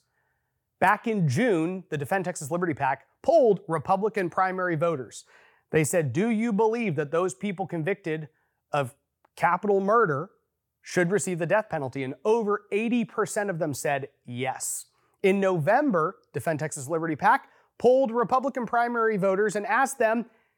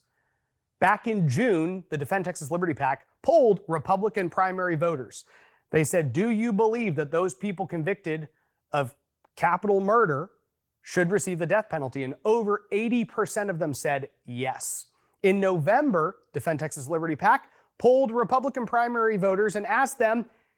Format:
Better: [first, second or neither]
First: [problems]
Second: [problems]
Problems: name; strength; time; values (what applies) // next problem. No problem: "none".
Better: first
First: none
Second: garbled, watery; slightly; nothing above 18 kHz